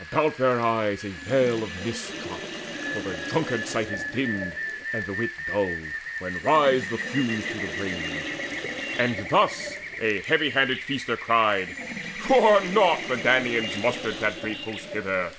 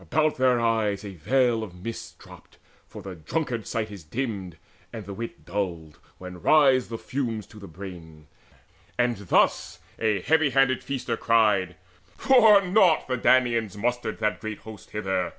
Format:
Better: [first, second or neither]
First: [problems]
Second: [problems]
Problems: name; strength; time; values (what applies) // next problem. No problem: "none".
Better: second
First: background sound (Rain + Sink (filling or washing)); 8 dB below the speech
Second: none